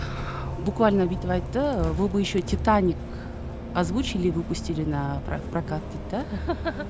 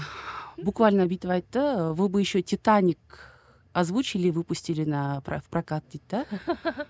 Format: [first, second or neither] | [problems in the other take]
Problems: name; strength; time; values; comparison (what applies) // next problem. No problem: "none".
second | background sound (Bus); 5 dB below the speech